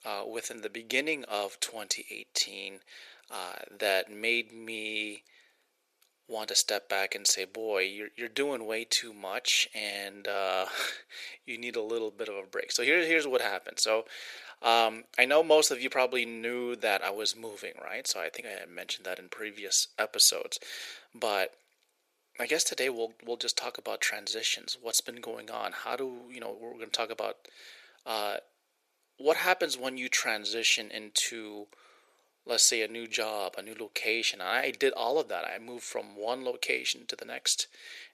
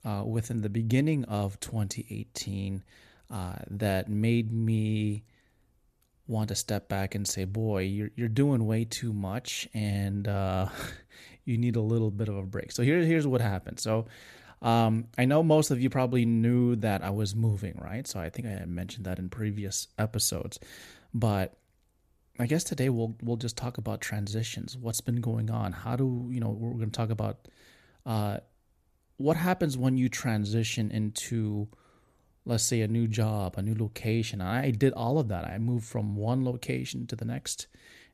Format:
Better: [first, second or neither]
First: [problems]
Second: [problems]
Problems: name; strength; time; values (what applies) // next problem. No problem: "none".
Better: second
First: thin; very; fading below 450 Hz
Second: none